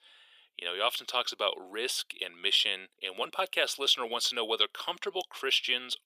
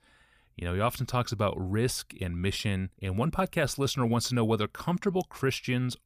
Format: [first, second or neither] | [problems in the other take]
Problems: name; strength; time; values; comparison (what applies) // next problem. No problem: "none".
second | thin; very; fading below 400 Hz